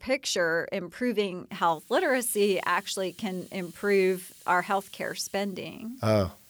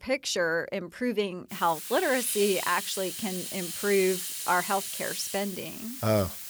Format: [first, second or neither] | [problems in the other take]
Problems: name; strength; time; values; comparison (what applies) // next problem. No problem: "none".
first | hiss; loud; from 1.5 s on; 4 dB below the speech; faint in the first